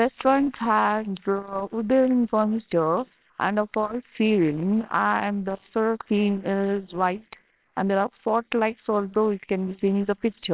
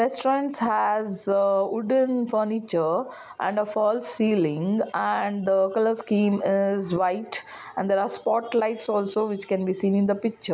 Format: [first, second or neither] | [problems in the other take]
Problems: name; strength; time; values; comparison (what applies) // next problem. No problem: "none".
second | noise reduction (neural separator model SepFormer WHAMR!)